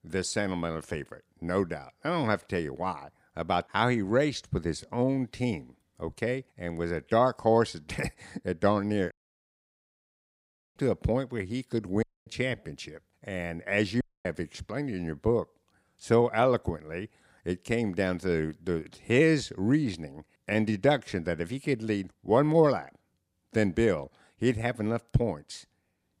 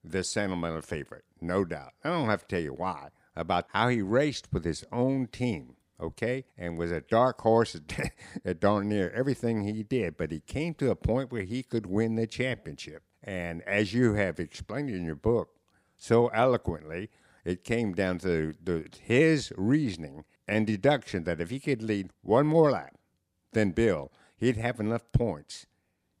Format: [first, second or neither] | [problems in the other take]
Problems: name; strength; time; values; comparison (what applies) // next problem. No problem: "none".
second | audio cutting out; at 9 s for 1.5 s, at 12 s and at 14 s